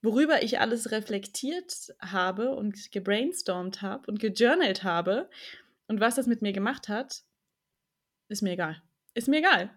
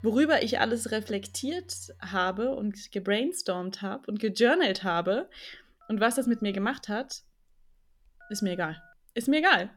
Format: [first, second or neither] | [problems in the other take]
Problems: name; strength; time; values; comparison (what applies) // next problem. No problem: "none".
first | alarms or sirens; faint; throughout; 25 dB below the speech